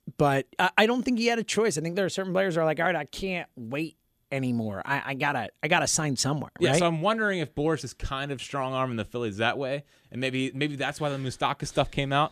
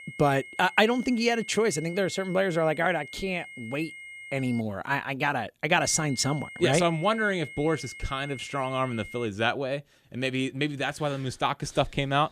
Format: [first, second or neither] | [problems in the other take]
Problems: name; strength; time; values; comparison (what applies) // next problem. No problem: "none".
first | high-pitched whine; noticeable; until 4.5 s and from 6 to 9.5 s; 2 kHz, 15 dB below the speech